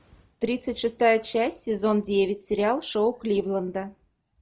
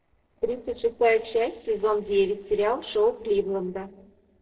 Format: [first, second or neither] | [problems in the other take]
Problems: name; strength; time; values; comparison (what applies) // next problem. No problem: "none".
first | noise reduction (neural separator model SepFormer DNS4)